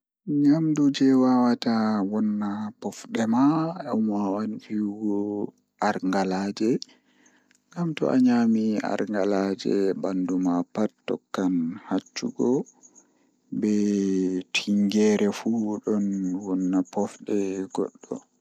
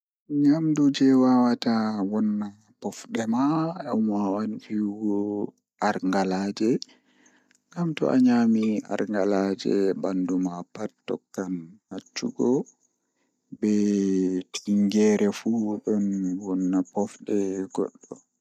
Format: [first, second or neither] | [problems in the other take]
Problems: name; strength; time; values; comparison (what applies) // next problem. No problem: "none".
first | noise reduction (neural mask model DeepFilterNet 3)